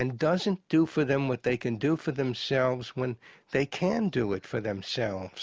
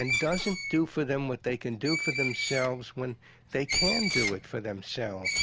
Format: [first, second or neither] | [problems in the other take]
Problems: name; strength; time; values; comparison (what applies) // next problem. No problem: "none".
first | background sound (Screech); 2 dB below the speech